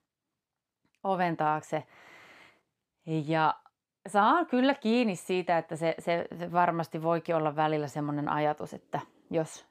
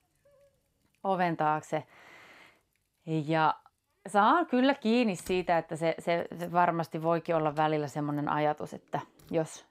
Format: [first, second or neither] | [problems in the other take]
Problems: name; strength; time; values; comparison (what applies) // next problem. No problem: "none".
first | household noises; faint; throughout; 30 dB below the speech